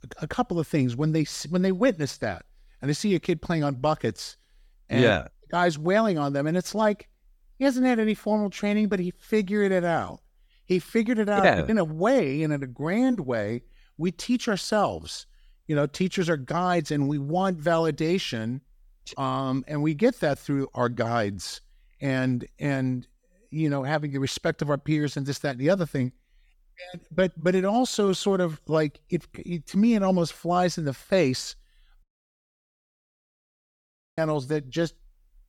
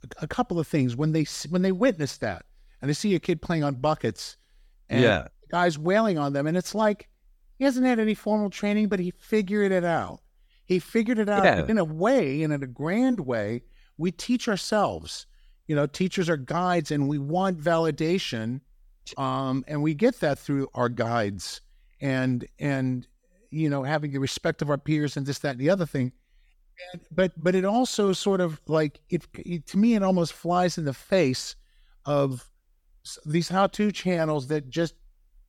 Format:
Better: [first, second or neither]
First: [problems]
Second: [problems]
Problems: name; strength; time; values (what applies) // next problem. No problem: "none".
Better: second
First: audio cutting out; at 32 s for 2 s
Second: none